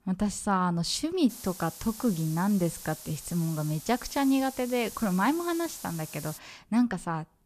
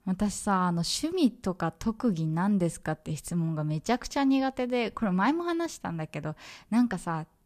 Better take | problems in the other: second | hiss; noticeable; from 1.5 to 6.5 s; 15 dB below the speech

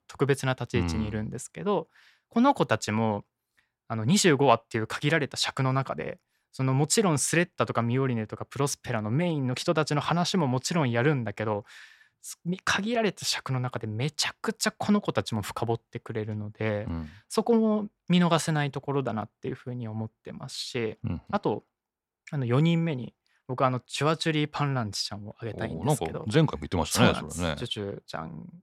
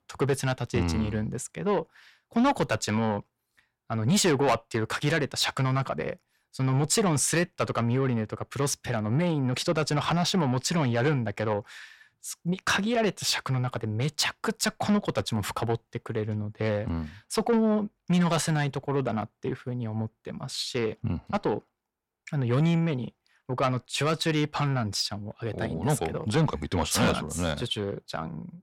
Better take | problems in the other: first | distortion; slight; 10 dB below the speech

